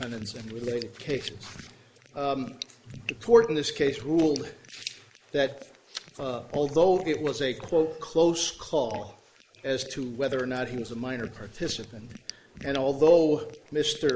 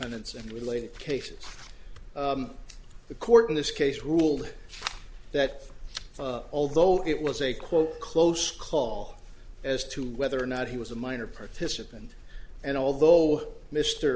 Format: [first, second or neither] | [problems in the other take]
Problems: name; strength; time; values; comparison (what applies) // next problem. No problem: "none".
second | noise reduction (neural mask model Resemble Enhance denoiser)